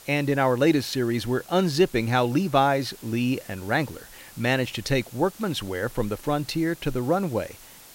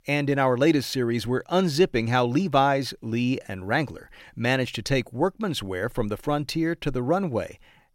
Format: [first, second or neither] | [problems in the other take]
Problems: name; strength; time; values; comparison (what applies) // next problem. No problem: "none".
second | hiss; faint; throughout; 20 dB below the speech